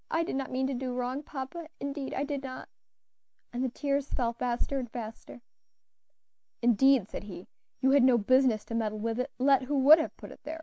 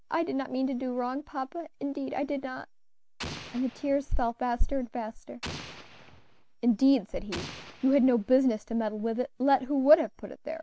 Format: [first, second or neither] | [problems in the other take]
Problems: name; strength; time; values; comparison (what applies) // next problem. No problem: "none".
first | background sound (Explosion); 14 dB below the speech